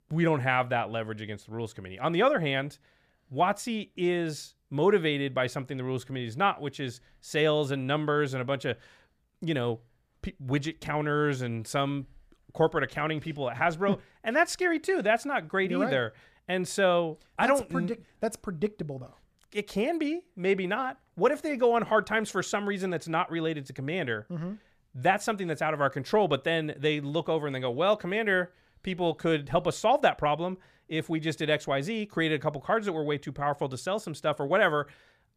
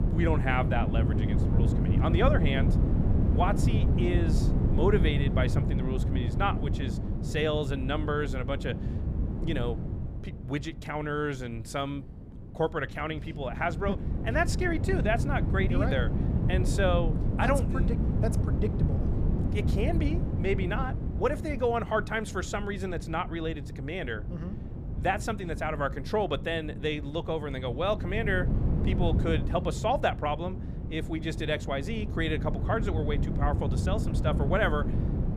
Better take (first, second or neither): first